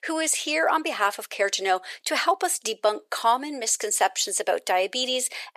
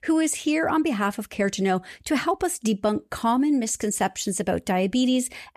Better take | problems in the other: second | thin; very; fading below 450 Hz

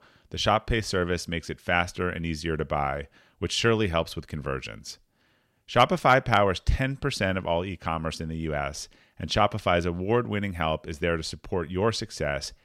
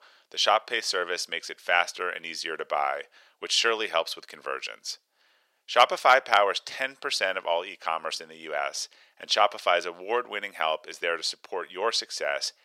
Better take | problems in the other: first | thin; very; fading below 550 Hz

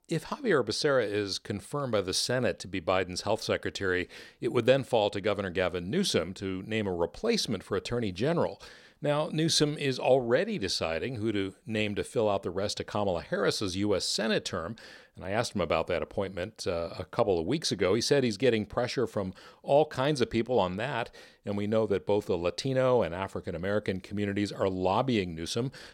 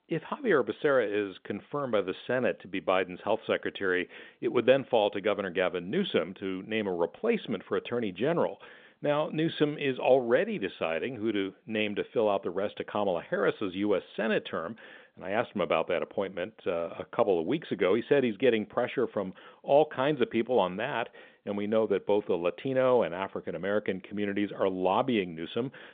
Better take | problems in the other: first | phone-call audio

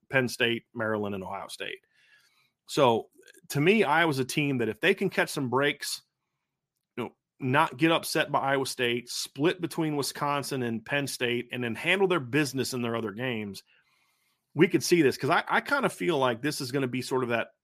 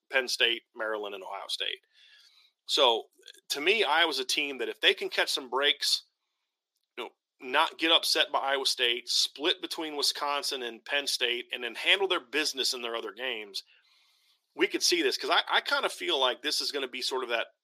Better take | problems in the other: first | thin; somewhat; fading below 350 Hz

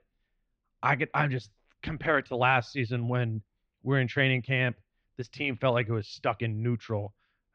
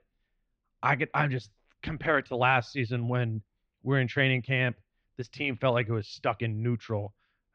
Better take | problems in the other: neither | muffled; slightly; fading above 3.5 kHz; the same in both

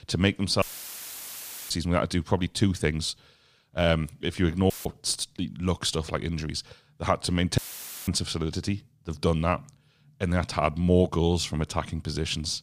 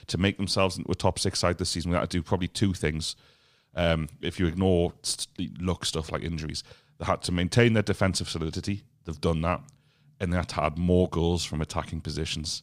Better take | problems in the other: second | audio cutting out; filled with static; at 0.5 s for 1 s, at 4.5 s and at 7.5 s for 0.5 s

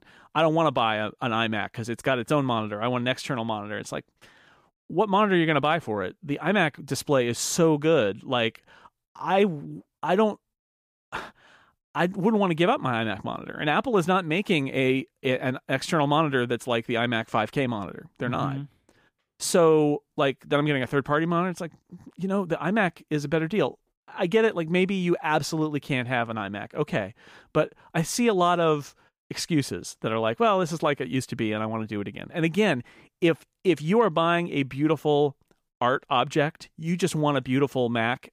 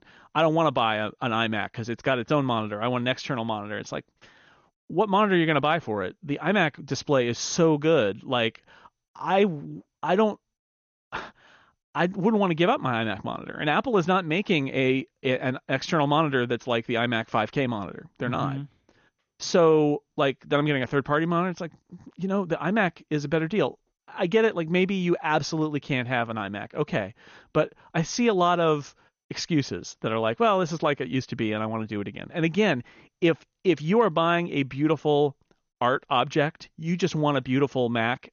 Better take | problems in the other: first | garbled, watery; slightly; nothing above 6.5 kHz

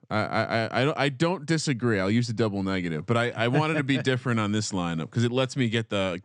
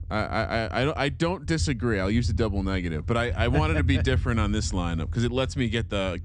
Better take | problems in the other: first | low rumble; faint; throughout; 20 dB below the speech

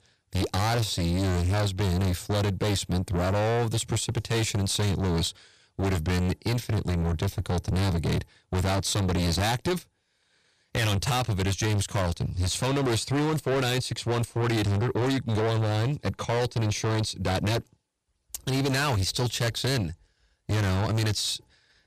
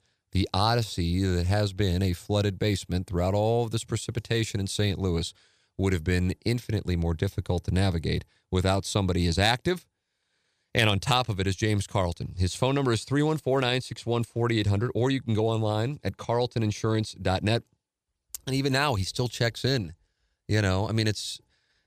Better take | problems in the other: second | distortion; heavy; 5 dB below the speech

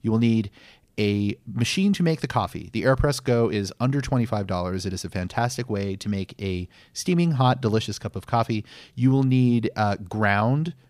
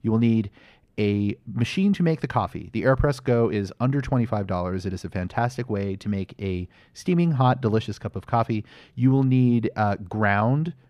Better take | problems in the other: first | muffled; slightly; fading above 3.5 kHz

